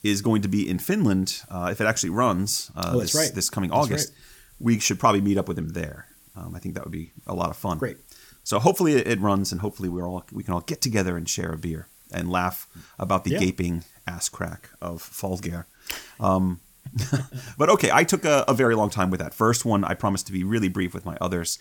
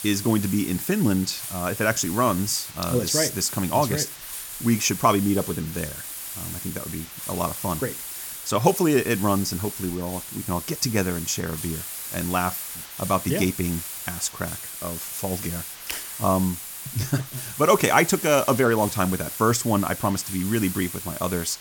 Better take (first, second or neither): first